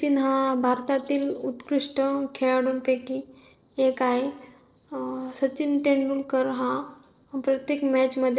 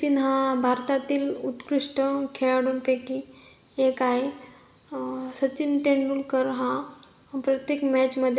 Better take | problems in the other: second | noise reduction (neural separator model SepFormer DNS4)

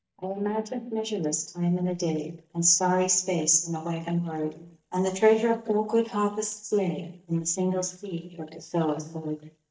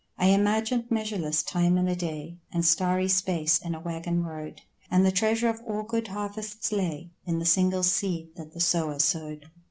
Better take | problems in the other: second | noise reduction (neural mask model DeepFilterNet 3)

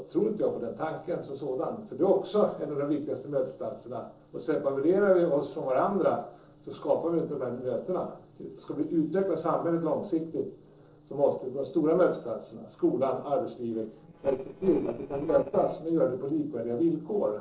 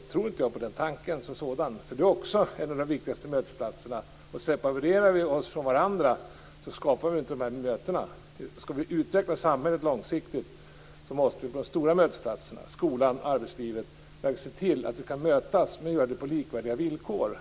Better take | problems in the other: second | noise reduction (neural separator model SepFormer DNS4)

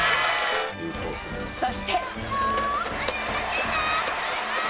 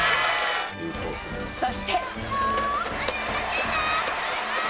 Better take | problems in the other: second | background sound (Piano); 16 dB below the speech

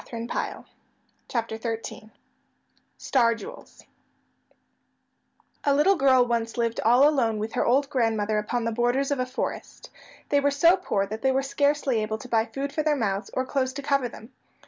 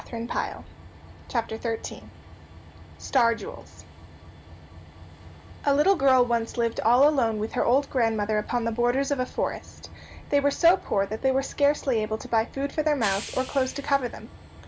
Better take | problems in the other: first | background sound (Train); 17 dB below the speech

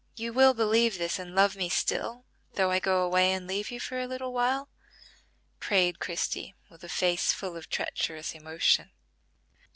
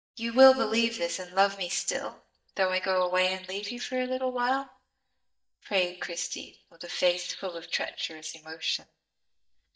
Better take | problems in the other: first | noise reduction (neural mask model DeepFilterNet 3)

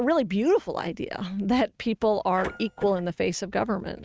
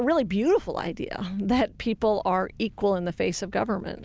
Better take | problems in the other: second | noise reduction (neural mask model RNNoise)

